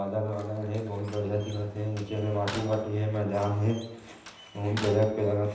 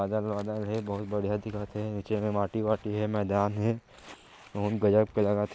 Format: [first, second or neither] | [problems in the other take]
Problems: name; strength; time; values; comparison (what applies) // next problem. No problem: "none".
second | background sound (Slam); 15 dB below the speech // room echo; dies away in 0.9 s